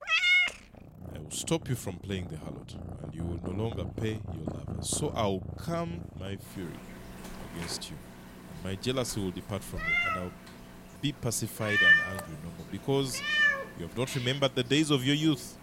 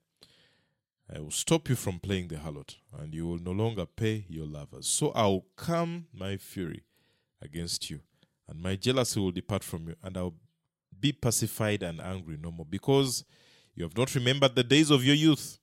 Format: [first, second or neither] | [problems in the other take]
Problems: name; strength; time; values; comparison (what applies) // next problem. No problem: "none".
second | animal sounds; very loud; throughout; 5 dB above the speech